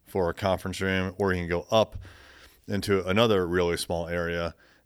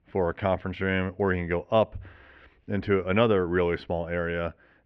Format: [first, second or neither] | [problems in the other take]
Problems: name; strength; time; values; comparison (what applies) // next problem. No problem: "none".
first | muffled; very; fading above 2.5 kHz